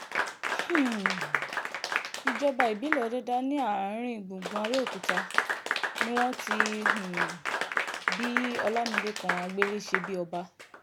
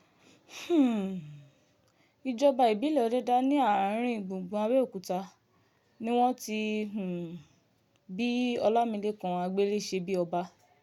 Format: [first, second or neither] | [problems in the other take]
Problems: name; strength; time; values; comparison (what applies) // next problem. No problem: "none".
second | background sound (Applause / Clapping); 1 dB above the speech